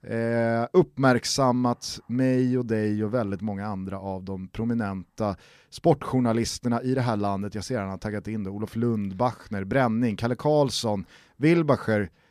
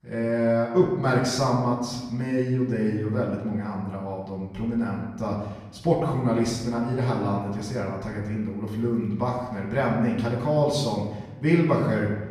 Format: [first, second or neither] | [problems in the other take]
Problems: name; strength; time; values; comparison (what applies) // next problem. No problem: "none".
first | off-mic speech; far // room echo; noticeable; dies away in 1.1 s